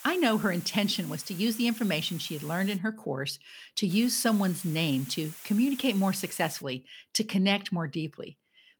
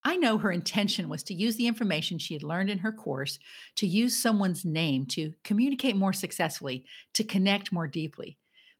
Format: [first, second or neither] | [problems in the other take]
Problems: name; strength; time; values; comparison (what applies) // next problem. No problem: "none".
second | hiss; noticeable; until 3 s and from 4 to 6.5 s; 15 dB below the speech